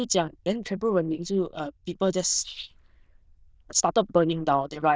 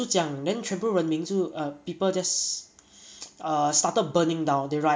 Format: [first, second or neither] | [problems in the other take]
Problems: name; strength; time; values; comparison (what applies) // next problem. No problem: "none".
second | noise reduction (neural diffusion model UNIVERSE++)